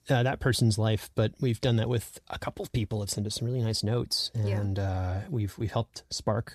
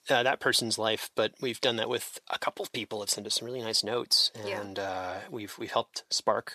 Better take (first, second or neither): first